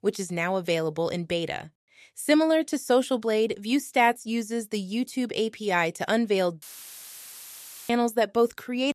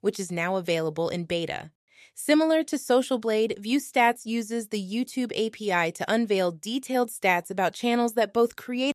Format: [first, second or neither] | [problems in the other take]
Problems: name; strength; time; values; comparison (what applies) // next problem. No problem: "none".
second | audio cutting out; filled with static; at 6.5 s for 1.5 s